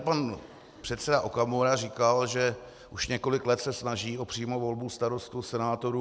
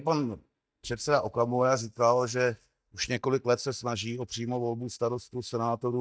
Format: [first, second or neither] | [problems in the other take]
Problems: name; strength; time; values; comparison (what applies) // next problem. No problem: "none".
first | noise reduction (neural mask model DeepFilterNet 3)